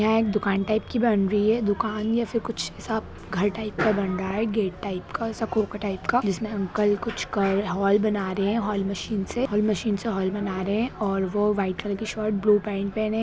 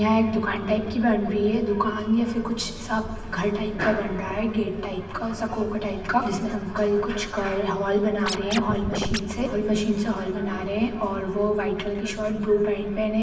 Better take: first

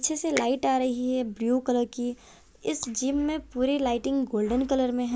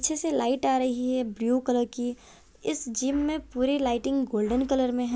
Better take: second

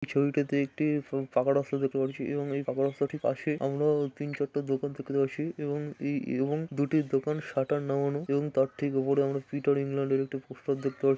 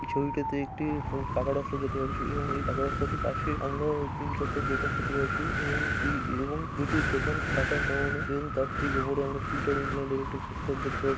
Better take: first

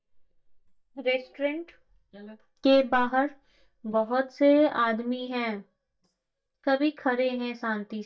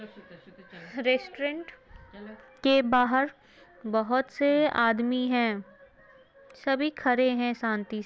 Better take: second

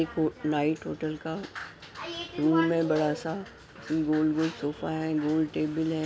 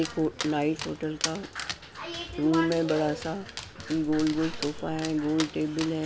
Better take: first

